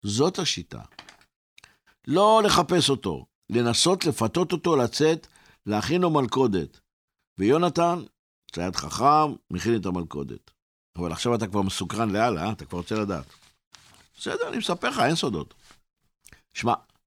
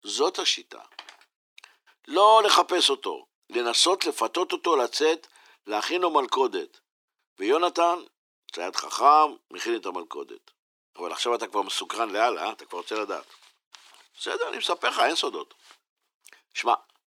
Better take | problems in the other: first | thin; very; fading below 350 Hz

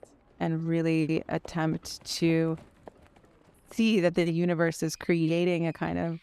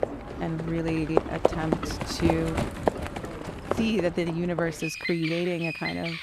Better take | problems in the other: first | animal sounds; loud; throughout; 2 dB below the speech; faint in the first

